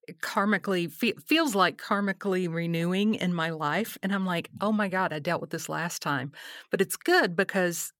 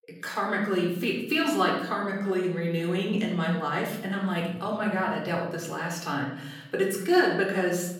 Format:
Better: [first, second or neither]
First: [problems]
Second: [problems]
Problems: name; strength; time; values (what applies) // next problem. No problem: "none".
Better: first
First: none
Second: off-mic speech; far // room echo; noticeable; dies away in 0.8 s